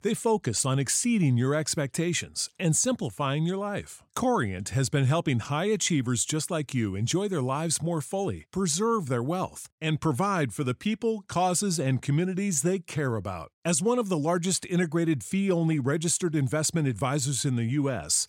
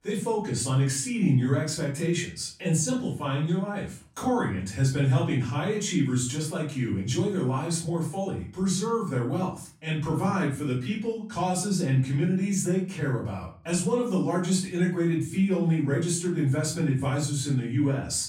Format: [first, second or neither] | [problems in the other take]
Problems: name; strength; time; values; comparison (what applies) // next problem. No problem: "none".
first | off-mic speech; far // room echo; slight; dies away in 0.4 s